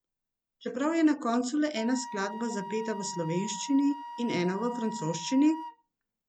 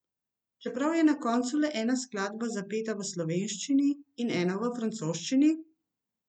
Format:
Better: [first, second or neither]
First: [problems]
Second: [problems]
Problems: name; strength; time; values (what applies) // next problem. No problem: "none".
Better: second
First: background sound (Wind instrument, woodwind instrument); 12 dB below the speech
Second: none